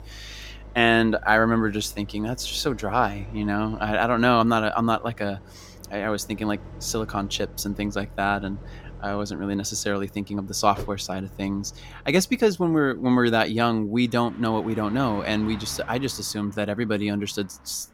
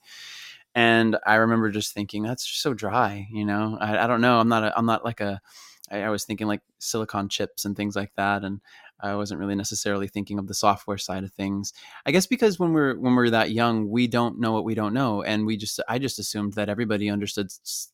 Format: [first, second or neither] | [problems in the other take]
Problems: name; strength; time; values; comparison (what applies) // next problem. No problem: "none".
second | traffic noise; noticeable; throughout; 20 dB below the speech